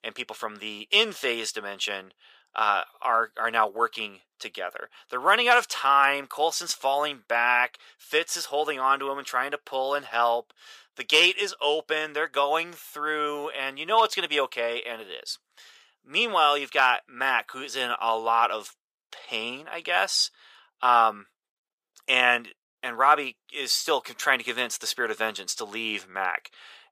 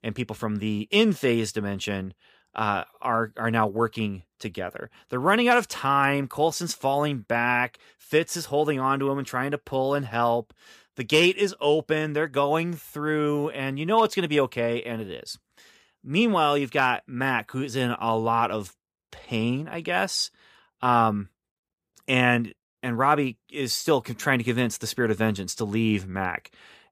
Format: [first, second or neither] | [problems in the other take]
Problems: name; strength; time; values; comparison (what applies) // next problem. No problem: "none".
second | thin; very; fading below 650 Hz